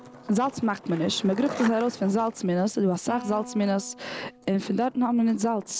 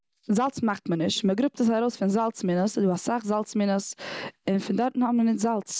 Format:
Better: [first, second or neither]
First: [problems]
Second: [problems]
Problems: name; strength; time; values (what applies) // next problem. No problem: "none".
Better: second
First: background sound (Skateboard + Guitar); 16 dB below the speech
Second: none